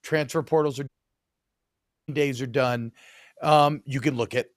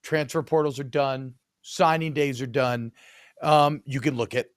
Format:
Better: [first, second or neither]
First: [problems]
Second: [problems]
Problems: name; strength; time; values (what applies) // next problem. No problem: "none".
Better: second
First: audio cutting out; at 1 s for 1 s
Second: none